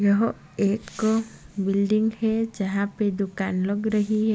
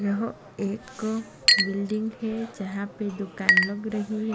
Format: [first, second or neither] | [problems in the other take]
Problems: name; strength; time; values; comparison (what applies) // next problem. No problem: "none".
first | background sound (Chink, clink); 1 dB above the speech